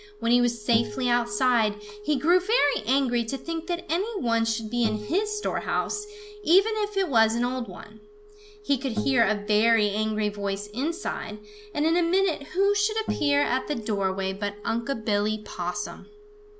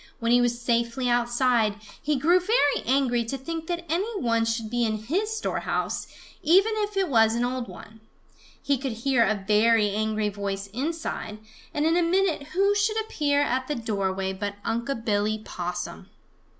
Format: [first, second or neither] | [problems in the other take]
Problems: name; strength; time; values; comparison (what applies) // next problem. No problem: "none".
second | background sound (Acoustic guitar); 13 dB below the speech